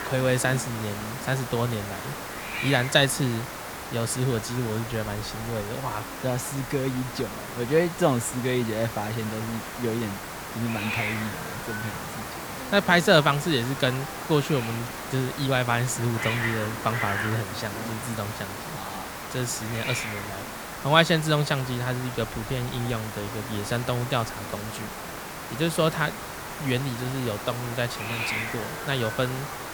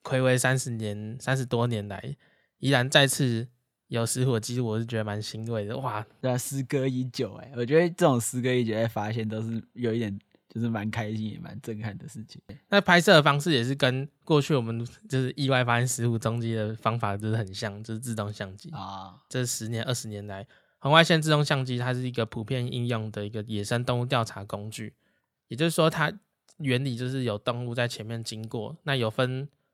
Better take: second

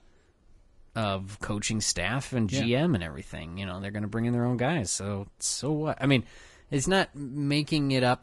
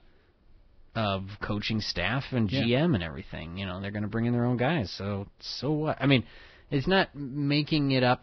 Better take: first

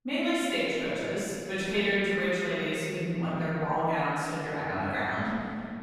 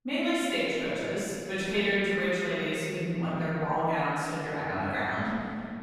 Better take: neither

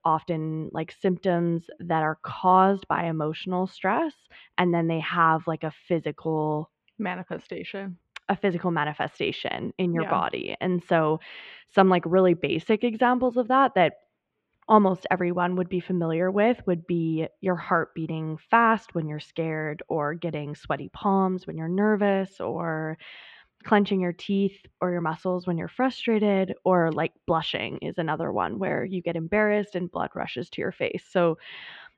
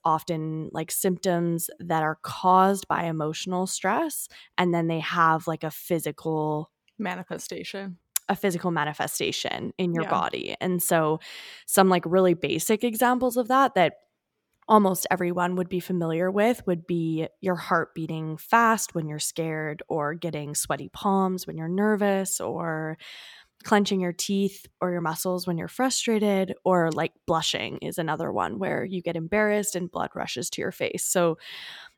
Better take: second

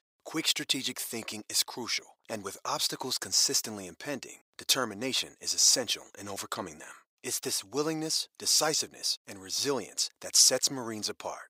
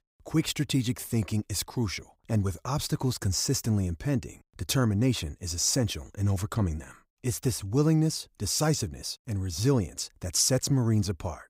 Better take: second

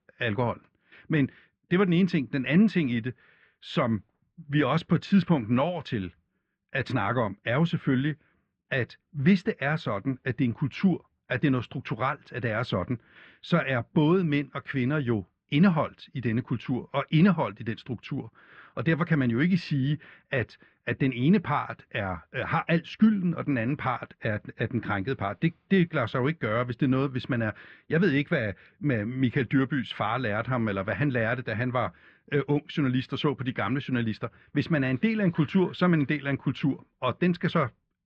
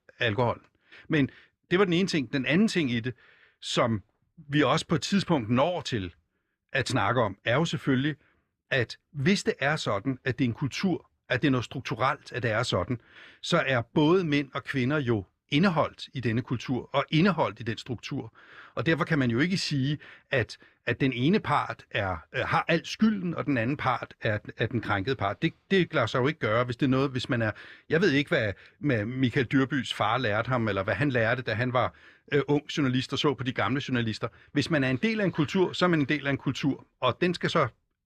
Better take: second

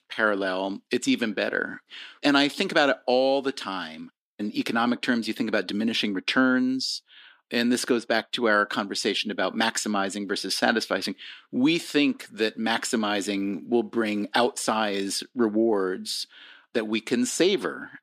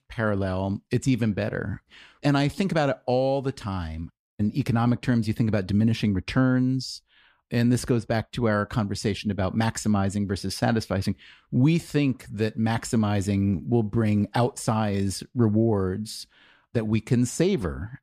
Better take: second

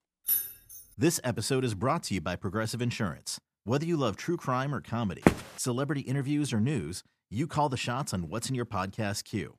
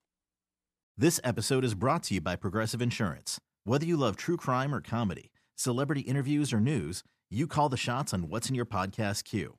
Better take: second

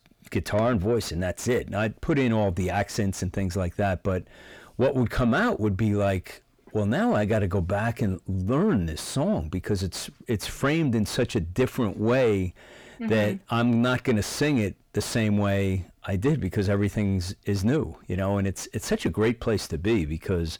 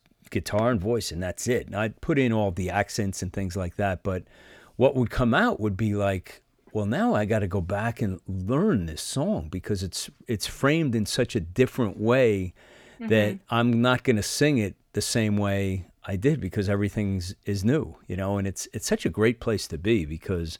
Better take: second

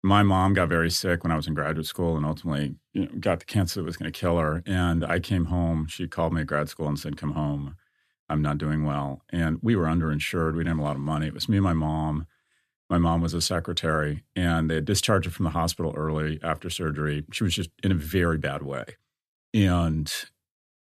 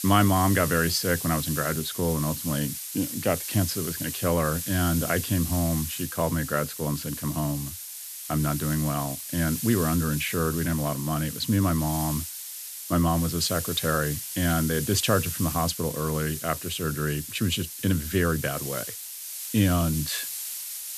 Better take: first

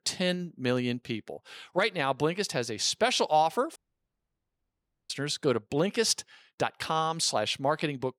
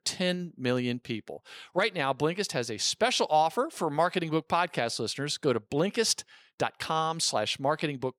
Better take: second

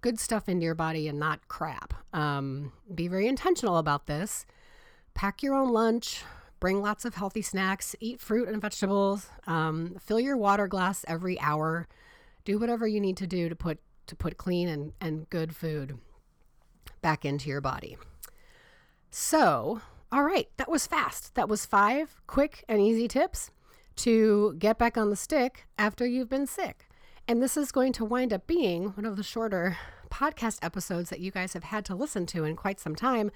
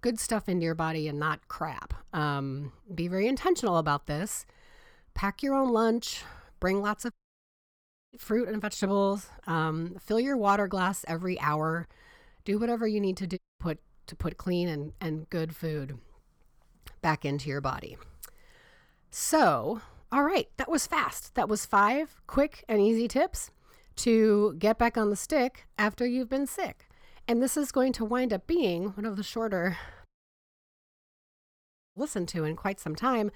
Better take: first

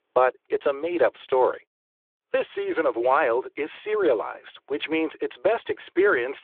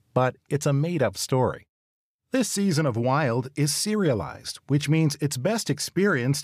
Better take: second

